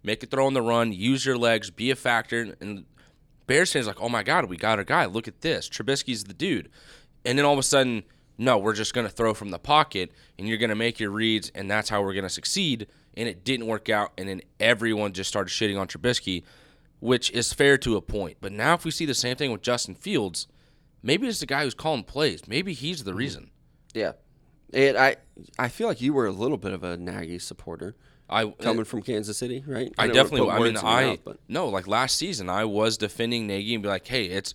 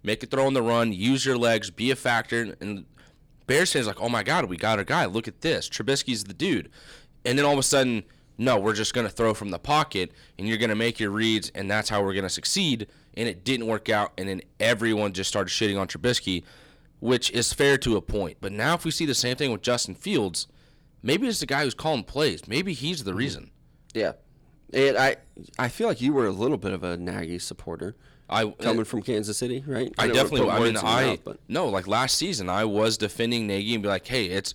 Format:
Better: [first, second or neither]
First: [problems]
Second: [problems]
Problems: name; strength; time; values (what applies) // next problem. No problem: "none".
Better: first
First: none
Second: distortion; slight; 10 dB below the speech